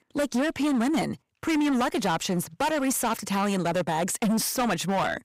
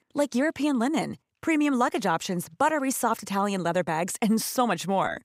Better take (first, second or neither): second